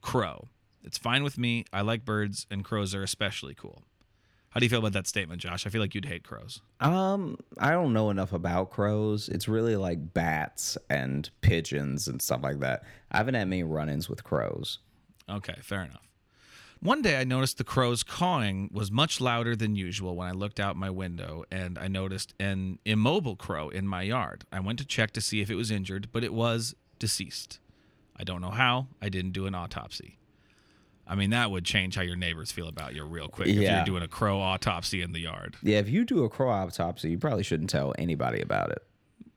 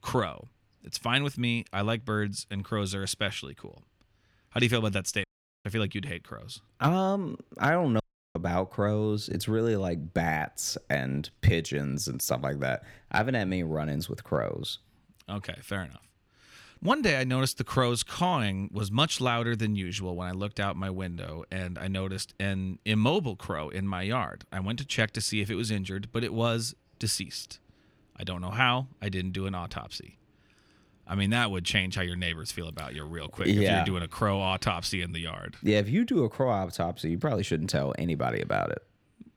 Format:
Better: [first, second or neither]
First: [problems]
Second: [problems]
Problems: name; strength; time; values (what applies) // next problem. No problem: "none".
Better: first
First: none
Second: audio cutting out; at 5 s and at 8 s